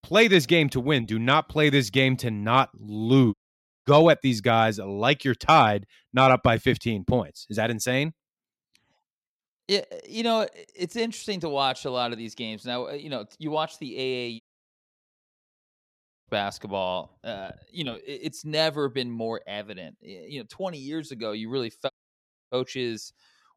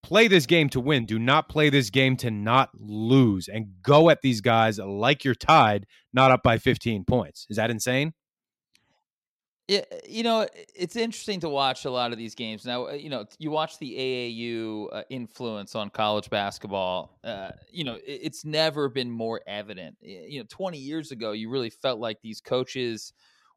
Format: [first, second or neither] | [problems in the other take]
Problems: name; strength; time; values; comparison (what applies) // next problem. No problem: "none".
second | audio cutting out; at 3.5 s for 0.5 s, at 14 s for 2 s and at 22 s for 0.5 s